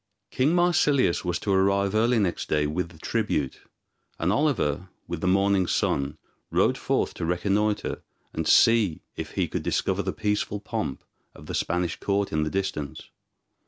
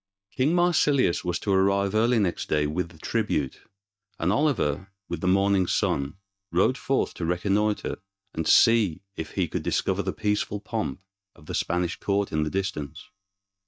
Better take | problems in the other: first | noise reduction (neural mask model DeepFilterNet 3)

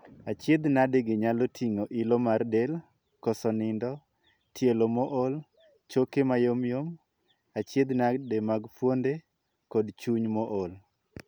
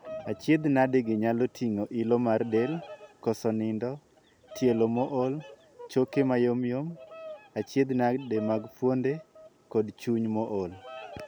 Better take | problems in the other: first | background sound (Bird vocalization, bird call, bird song); 18 dB below the speech

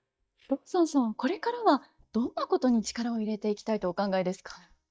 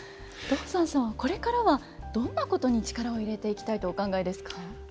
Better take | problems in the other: second | noise reduction (neural mask model DeepFilterNet 3)

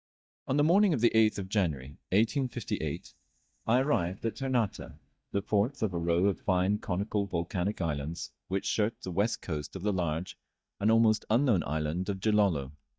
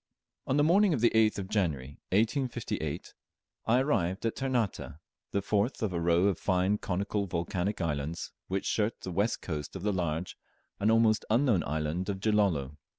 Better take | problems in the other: second | noise reduction (neural mask model DeepFilterNet 3)

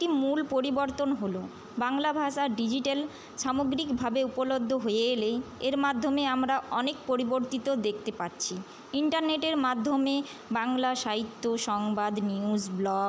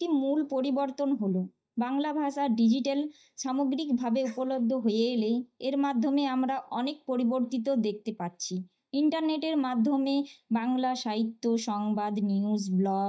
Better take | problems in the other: first | noise reduction (neural mask model DeepFilterNet 3)

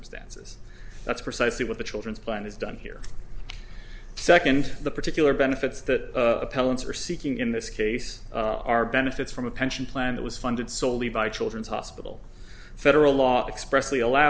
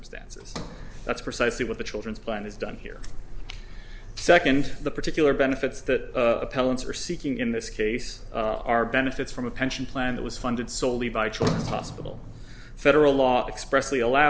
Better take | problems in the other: first | background sound (Sliding door); 15 dB below the speech

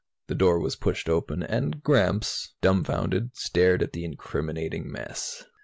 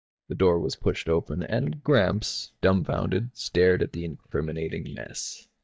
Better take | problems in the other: first | noise reduction (neural mask model DeepFilterNet 3)

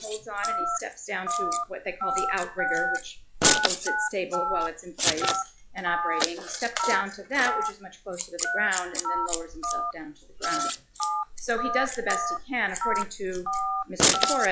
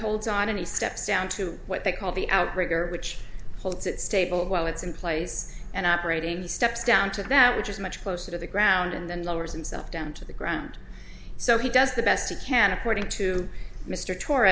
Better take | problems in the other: second | noise reduction (classical method log-MMSE)

